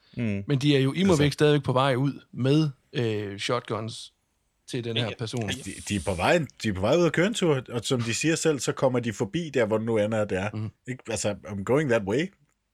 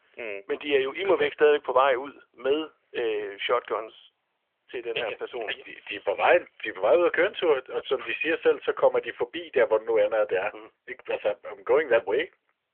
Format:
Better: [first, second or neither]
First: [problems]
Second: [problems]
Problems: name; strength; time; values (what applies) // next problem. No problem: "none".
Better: first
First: none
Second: phone-call audio; nothing above 3.5 kHz